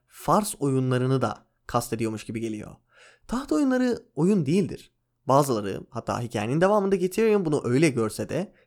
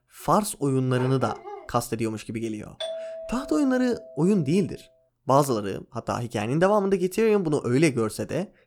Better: first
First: none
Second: dog barking; faint; at 1 s; peak 10 dB below the speech // doorbell; noticeable; from 3 to 4.5 s; peak 8 dB below the speech

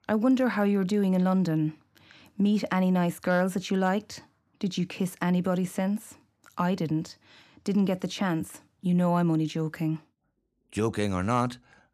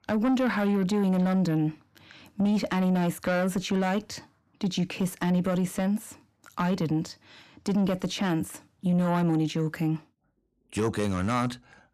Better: first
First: none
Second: distortion; slight; 10 dB below the speech

